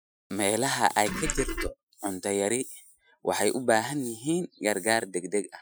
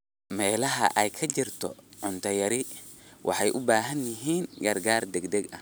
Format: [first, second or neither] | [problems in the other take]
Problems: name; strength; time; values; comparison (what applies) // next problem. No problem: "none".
second | noise reduction (classical method Wiener filter)